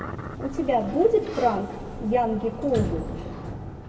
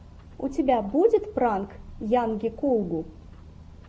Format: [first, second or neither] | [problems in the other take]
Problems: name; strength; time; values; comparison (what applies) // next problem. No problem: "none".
second | background sound (Sliding door); 10 dB below the speech // room echo; dies away in 1.8 s